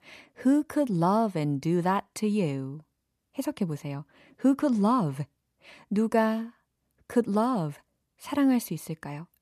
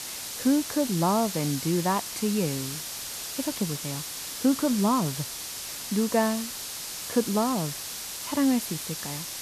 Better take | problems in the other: first | hiss; loud; throughout; 6 dB below the speech

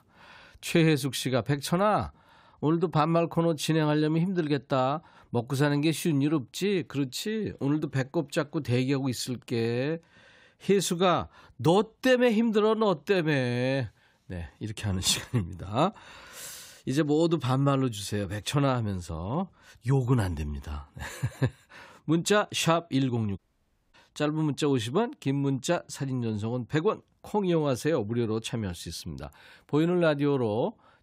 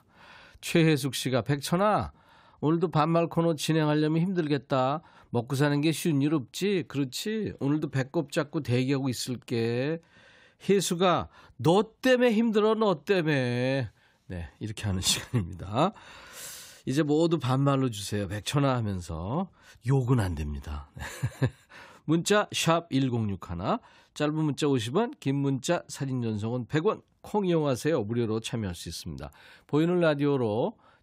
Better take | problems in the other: second | audio cutting out; at 23 s for 0.5 s

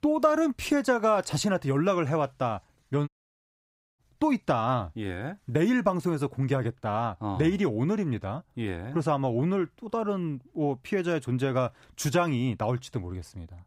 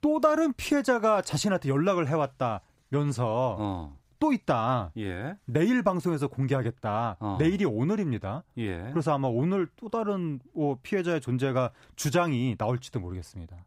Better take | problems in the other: second | audio cutting out; at 3 s for 1 s

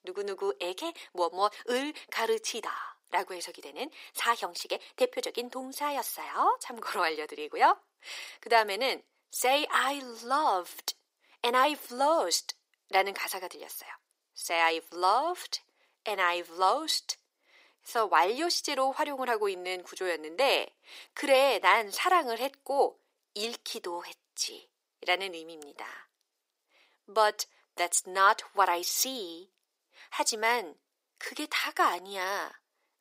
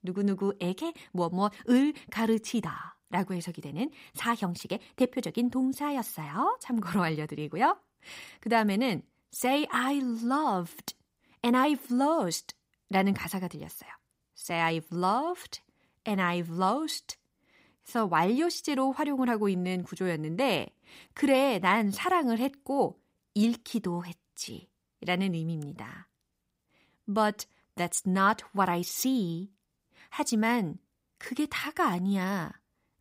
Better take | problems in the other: second | thin; very; fading below 400 Hz

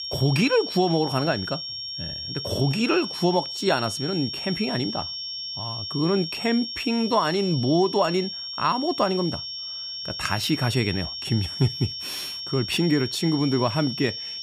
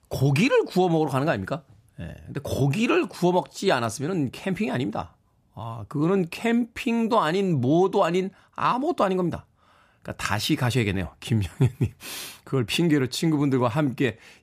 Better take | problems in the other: second | high-pitched whine; loud; throughout; 5.5 kHz, 6 dB below the speech

